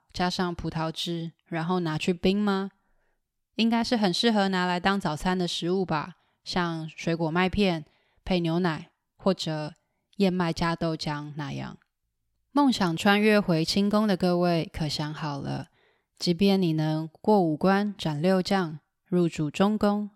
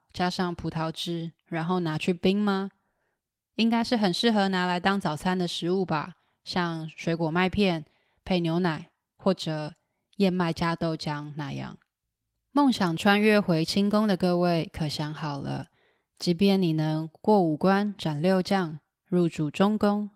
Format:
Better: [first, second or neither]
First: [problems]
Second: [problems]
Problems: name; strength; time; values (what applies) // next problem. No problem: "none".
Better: first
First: none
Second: garbled, watery; slightly; nothing above 16.5 kHz